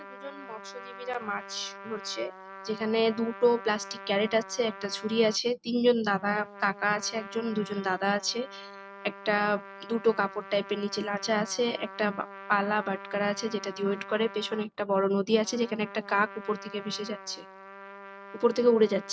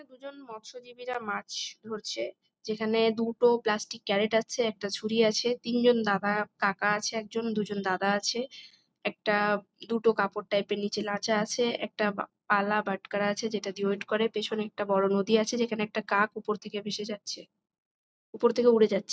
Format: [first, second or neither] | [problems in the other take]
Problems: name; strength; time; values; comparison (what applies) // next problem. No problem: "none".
second | background sound (Trumpet); 16 dB below the speech